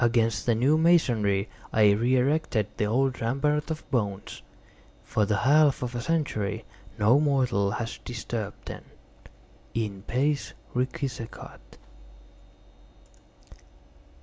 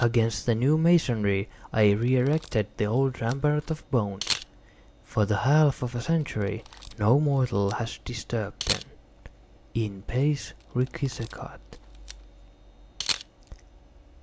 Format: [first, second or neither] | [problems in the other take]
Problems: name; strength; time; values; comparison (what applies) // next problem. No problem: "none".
first | background sound (Camera); 15 dB below the speech